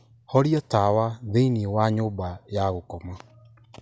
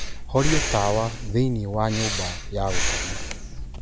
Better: first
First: none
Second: background sound (Breathing); 1 dB below the speech

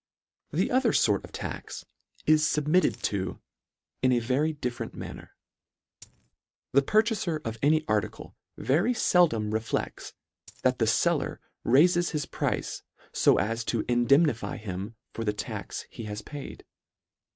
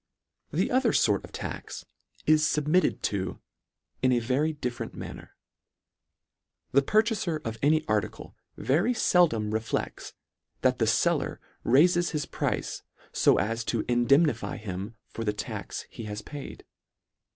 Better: second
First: noise reduction (neural mask model RNNoise)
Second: none

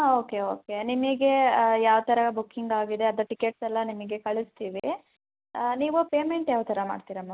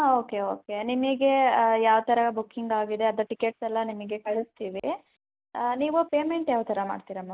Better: first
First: none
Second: noise reduction (neural mask model Resemble Enhance denoiser)

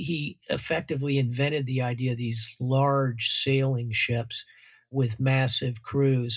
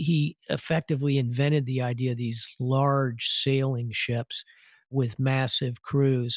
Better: second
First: room echo; dies away in 0.2 s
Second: none

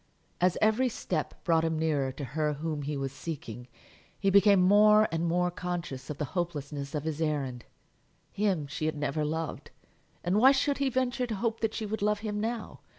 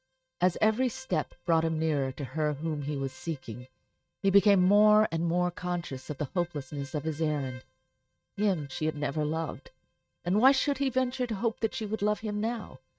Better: first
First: none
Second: noise reduction (neural mask model RNNoise)

